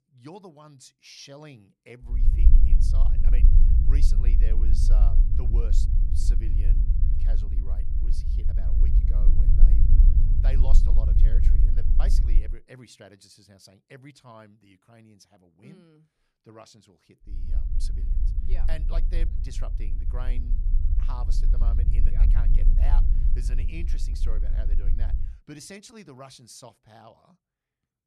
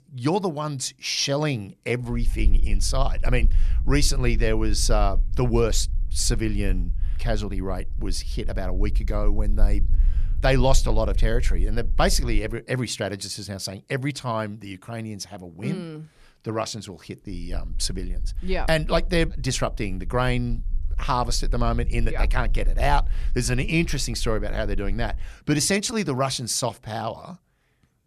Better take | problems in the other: second | low rumble; loud; from 2 to 12 s and from 17 to 25 s; 1 dB below the speech; faint in the second

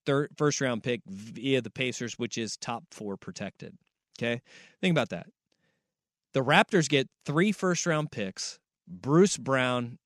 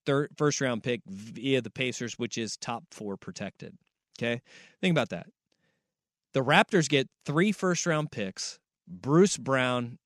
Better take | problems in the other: neither | none

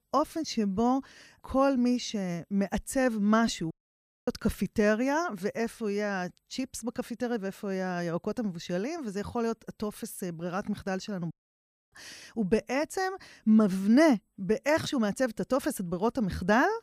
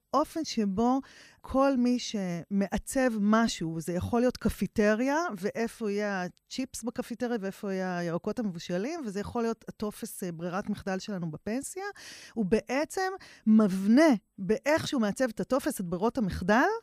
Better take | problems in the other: second | audio cutting out; at 3.5 s for 0.5 s and at 11 s for 0.5 s

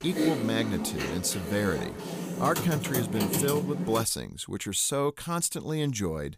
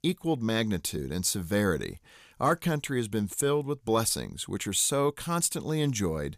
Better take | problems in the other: second | keyboard typing; loud; until 4 s; peak 1 dB above the speech

